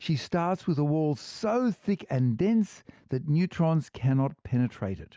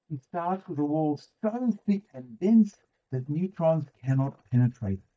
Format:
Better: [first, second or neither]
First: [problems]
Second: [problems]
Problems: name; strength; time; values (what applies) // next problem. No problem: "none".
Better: first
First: none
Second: noise reduction (neural mask model DeepFilterNet 3)